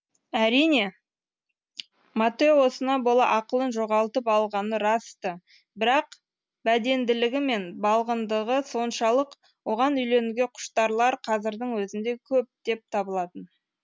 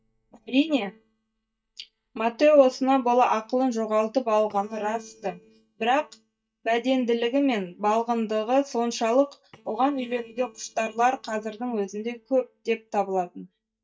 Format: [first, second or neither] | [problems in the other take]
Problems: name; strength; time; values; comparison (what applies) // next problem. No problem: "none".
first | noise reduction (neural mask model DeepFilterNet 3)